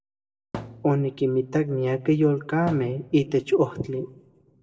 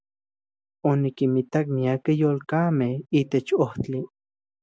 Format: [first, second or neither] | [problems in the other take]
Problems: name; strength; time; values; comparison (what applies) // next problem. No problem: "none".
second | background sound (Thump, thud); 16 dB below the speech // room echo; dies away in 0.6 s